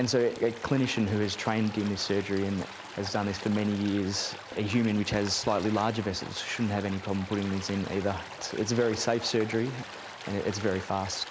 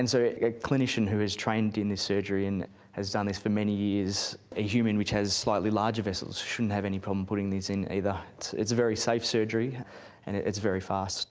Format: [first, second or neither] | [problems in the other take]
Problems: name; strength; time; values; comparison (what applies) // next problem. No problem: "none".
second | background sound (Stream); 13 dB below the speech